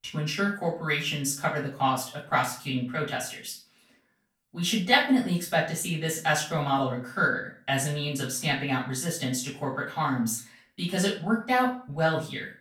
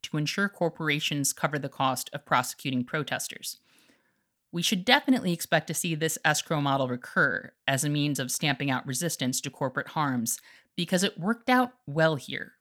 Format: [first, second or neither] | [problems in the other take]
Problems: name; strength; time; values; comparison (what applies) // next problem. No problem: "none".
second | off-mic speech; far // room echo; slight; dies away in 0.3 s